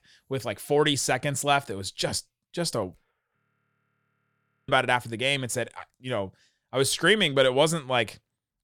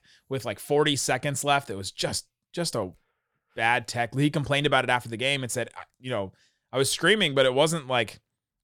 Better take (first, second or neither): second